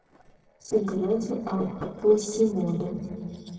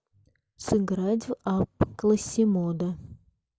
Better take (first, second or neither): second